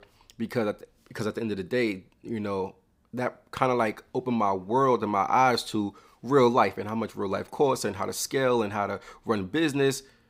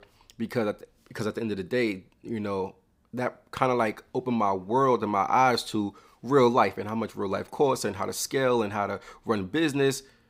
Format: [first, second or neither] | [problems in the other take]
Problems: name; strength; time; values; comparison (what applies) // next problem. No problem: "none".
neither | none